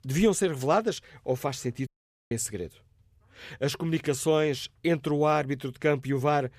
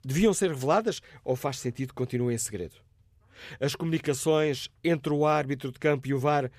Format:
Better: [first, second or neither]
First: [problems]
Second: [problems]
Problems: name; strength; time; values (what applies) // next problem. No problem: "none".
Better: second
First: audio cutting out; at 2 s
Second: none